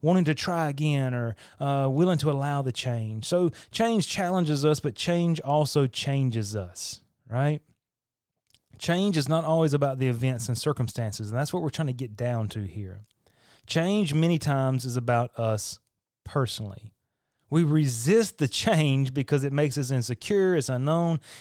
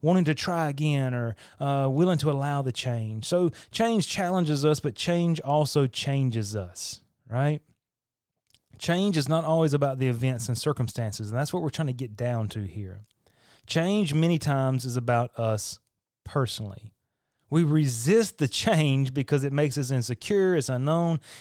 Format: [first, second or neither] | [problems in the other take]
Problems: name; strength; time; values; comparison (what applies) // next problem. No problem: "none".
neither | garbled, watery; slightly; the same in both